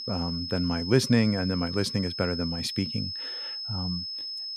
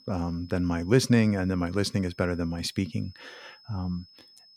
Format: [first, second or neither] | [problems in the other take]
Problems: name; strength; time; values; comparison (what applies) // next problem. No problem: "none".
second | high-pitched whine; loud; throughout; 5 kHz, 5 dB below the speech; faint in the second